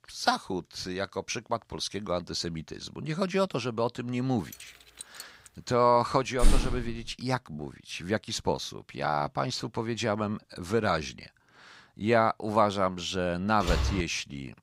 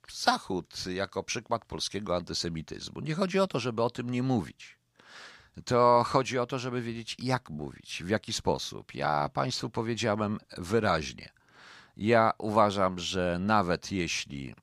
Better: second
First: jangling keys; faint; from 4.5 to 5.5 s; peak 15 dB below the speech // door banging; loud; at 6.5 s; peak 1 dB above the speech // door banging; noticeable; at 14 s; peak level with the speech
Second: none

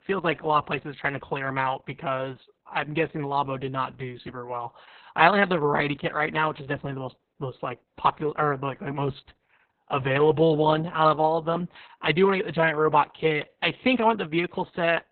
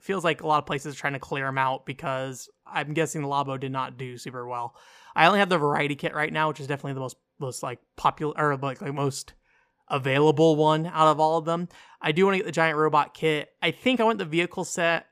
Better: second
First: garbled, watery; badly; nothing above 4 kHz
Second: none

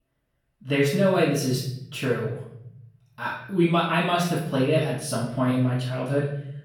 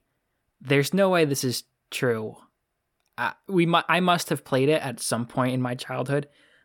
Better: second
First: off-mic speech; far // room echo; noticeable; dies away in 1 s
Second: none

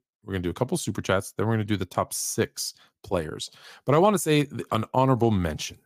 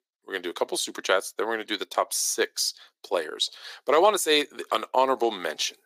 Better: first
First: none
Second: thin; very; fading below 350 Hz

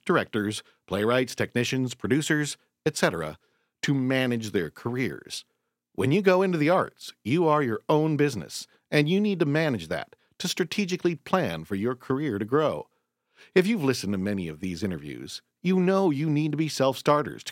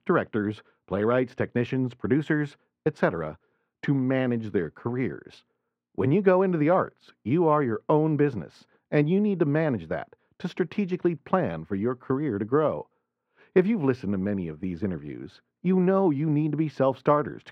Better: first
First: none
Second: muffled; very; fading above 3.5 kHz

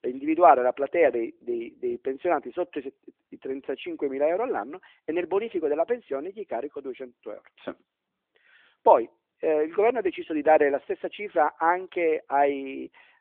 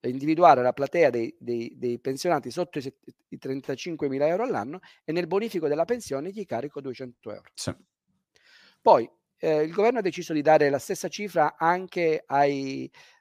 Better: second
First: phone-call audio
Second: none

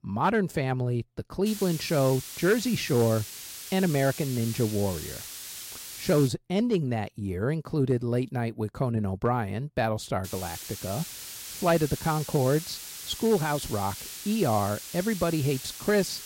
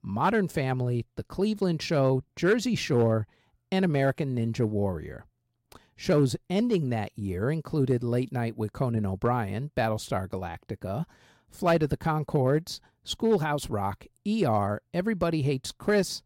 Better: second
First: hiss; loud; from 1.5 to 6.5 s and from 10 s on; 10 dB below the speech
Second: none

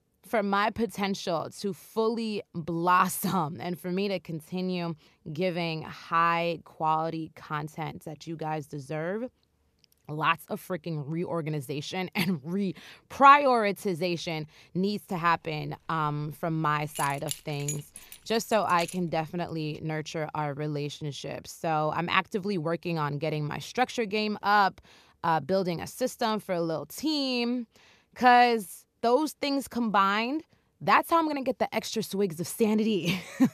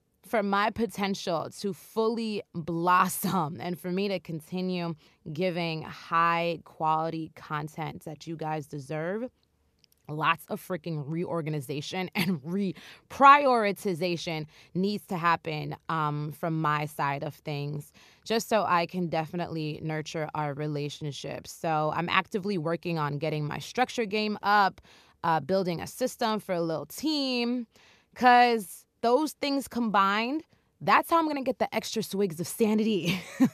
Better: second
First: jangling keys; noticeable; from 17 to 19 s; peak 8 dB below the speech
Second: none

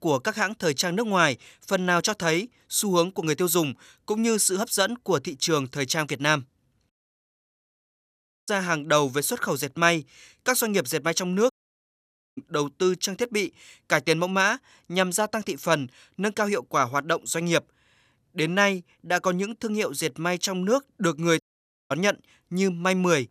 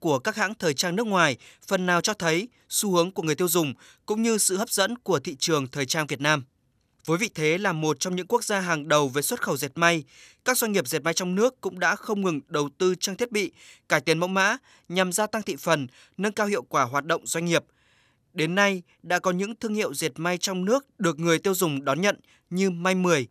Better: second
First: audio cutting out; at 7 s for 1.5 s, at 12 s for 1 s and at 21 s for 0.5 s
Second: none

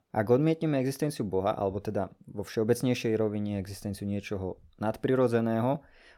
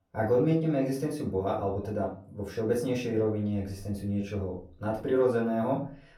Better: first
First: none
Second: off-mic speech; far // room echo; slight; dies away in 0.3 s

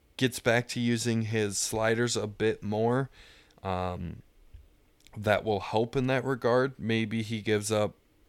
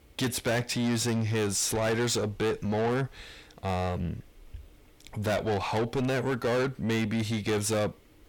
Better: first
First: none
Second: distortion; heavy; 7 dB below the speech

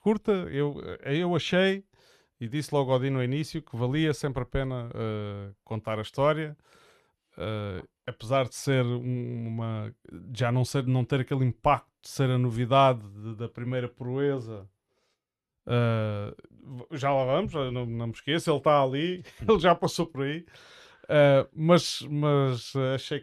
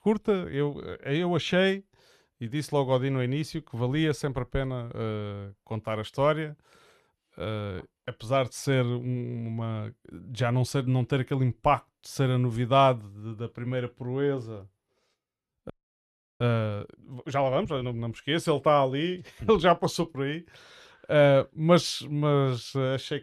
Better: first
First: none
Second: audio freezing; at 16 s for 0.5 s

